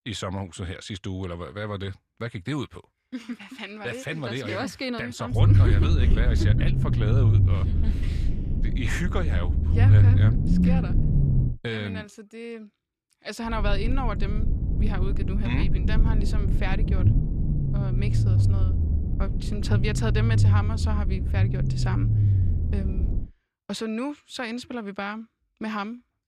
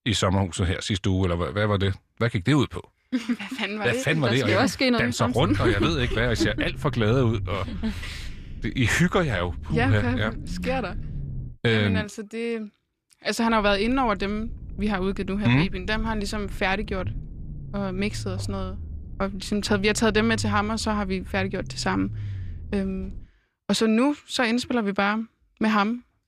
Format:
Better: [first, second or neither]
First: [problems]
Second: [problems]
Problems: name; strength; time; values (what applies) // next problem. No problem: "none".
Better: second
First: low rumble; loud; from 5.5 to 11 s and from 14 to 23 s; 3 dB below the speech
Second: low rumble; faint; from 5.5 to 11 s and from 14 to 23 s; 25 dB below the speech